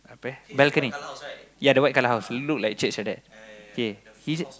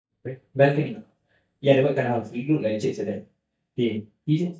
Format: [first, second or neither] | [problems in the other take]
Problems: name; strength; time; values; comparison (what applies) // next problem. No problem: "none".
first | noise reduction (neural mask model DeepFilterNet 3)